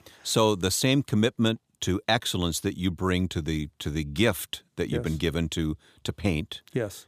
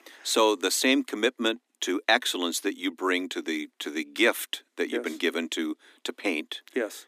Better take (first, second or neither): first